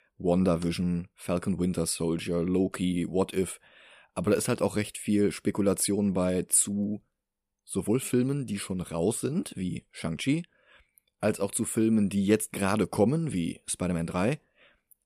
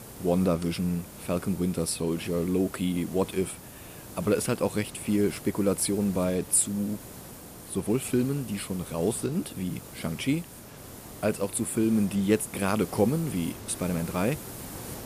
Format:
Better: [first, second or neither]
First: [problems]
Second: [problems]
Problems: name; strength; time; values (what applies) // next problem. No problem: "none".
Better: first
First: none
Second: hiss; noticeable; throughout; 15 dB below the speech